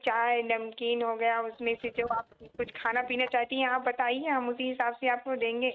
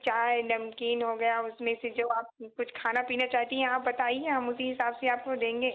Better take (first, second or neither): second